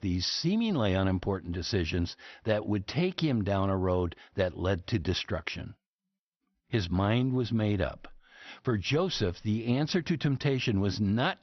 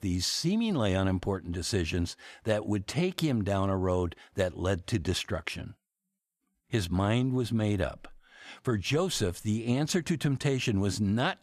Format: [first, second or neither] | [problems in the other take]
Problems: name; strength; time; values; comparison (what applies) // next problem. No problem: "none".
second | garbled, watery; slightly; nothing above 6 kHz